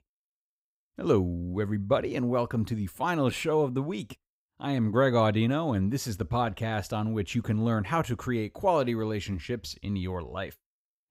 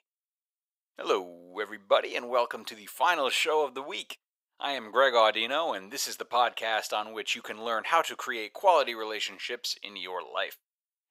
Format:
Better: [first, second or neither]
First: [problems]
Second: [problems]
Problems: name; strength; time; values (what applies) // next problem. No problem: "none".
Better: first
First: none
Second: thin; very; fading below 600 Hz